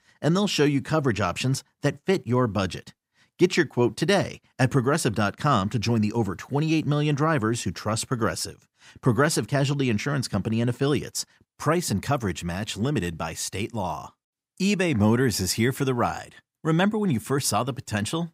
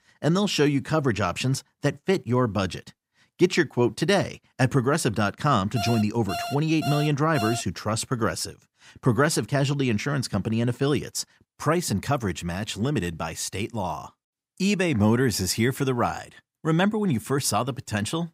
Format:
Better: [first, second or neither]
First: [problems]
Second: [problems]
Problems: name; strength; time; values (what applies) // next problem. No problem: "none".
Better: first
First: none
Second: alarm; noticeable; from 6 to 7.5 s; peak 7 dB below the speech